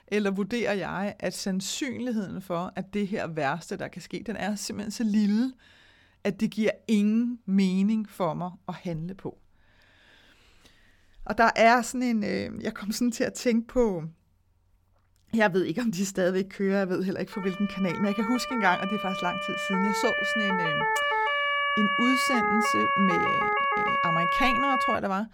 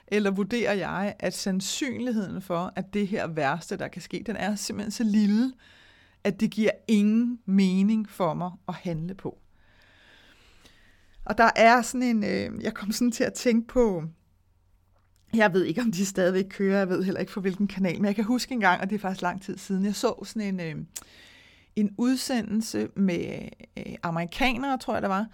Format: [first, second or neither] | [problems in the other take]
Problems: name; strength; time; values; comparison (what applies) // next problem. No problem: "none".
second | siren; loud; from 17 s on; peak 4 dB above the speech